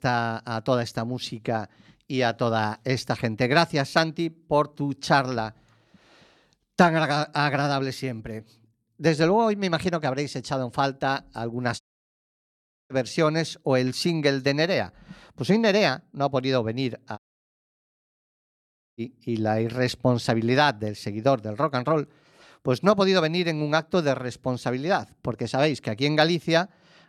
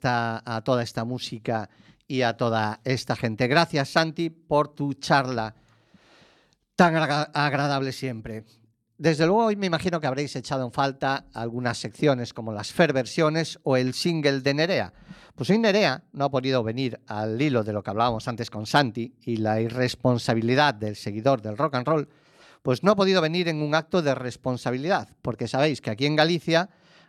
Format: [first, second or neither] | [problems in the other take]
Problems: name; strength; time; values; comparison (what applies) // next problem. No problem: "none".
second | audio cutting out; at 12 s for 1 s and at 17 s for 2 s